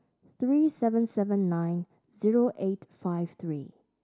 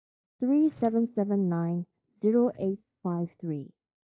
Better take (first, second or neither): first